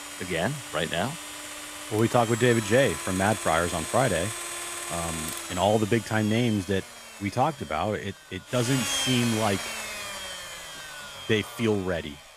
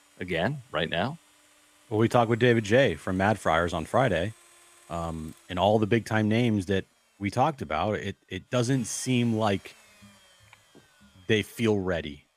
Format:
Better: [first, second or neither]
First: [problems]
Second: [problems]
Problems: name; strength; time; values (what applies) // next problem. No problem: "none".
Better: second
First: household noises; loud; throughout; 7 dB below the speech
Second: household noises; faint; throughout; 30 dB below the speech